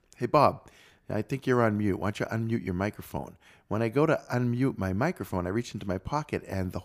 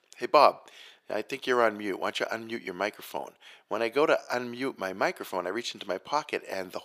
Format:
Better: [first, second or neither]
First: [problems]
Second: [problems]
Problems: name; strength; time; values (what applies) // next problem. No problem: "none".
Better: first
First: none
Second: thin; somewhat; fading below 500 Hz